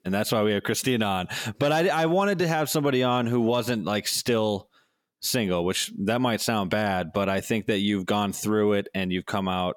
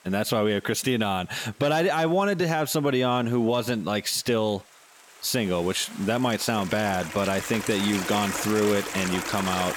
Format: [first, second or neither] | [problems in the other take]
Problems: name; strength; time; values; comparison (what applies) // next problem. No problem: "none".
first | rain or running water; loud; throughout; 7 dB below the speech